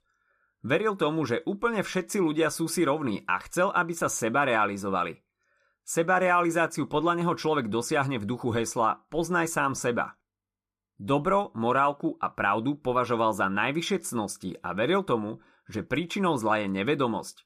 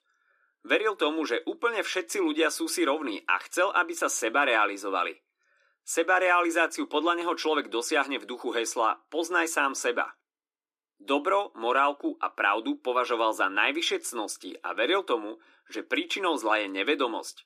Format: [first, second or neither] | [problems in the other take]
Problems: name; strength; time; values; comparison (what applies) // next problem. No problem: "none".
first | thin; very slightly; fading below 300 Hz